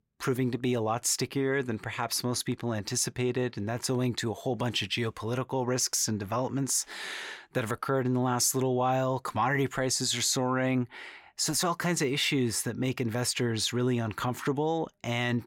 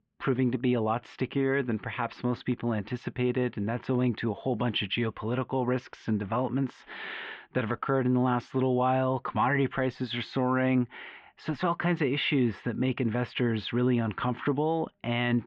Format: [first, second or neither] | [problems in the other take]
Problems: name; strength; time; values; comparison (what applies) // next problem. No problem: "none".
first | muffled; very; fading above 3 kHz